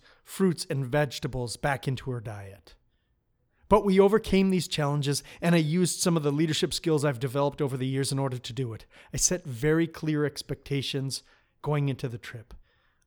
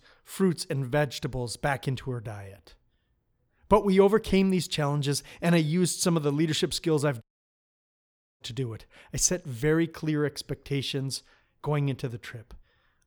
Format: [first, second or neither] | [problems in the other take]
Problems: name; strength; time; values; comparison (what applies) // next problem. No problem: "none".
first | audio cutting out; at 7 s for 1 s